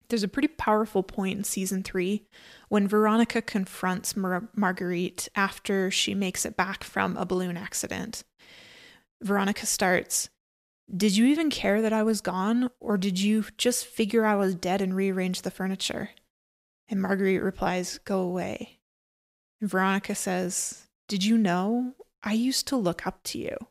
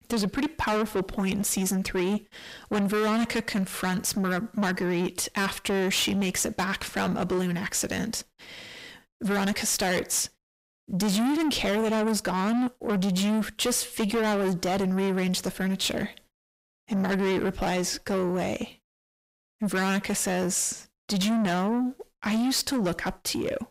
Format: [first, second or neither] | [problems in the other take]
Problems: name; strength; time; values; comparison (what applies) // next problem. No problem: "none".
first | distortion; heavy; 6 dB below the speech